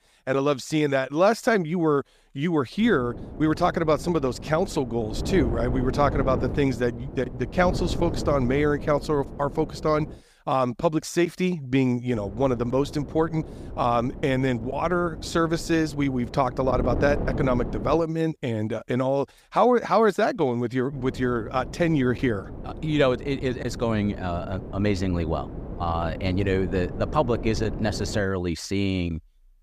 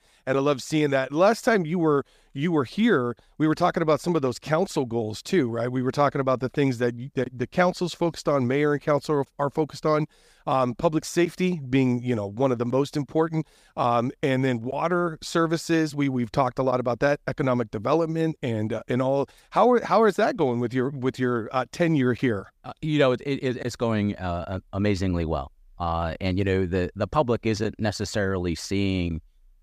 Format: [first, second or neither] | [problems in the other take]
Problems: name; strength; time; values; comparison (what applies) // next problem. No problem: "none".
second | wind noise on the microphone; occasional gusts; from 3 to 10 s, from 12 to 18 s and from 21 to 28 s; 15 dB below the speech